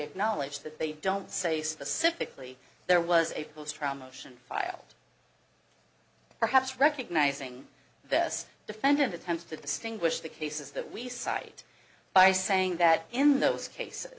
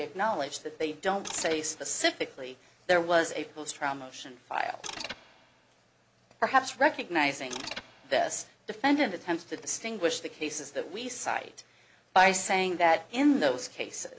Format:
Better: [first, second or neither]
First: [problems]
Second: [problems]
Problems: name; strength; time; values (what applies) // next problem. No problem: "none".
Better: first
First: none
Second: background sound (Mechanisms); 15 dB below the speech